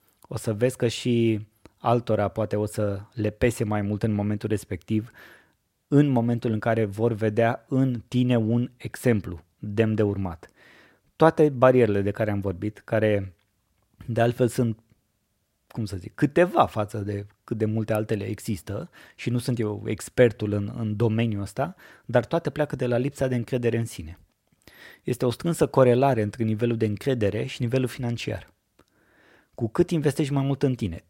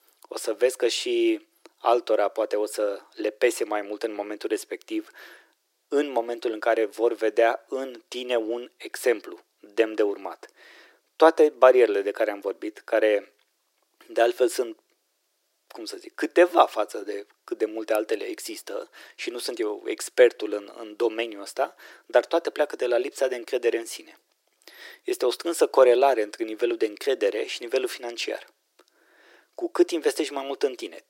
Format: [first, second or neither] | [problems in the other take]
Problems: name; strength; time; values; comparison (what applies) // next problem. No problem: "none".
first | thin; very; fading below 350 Hz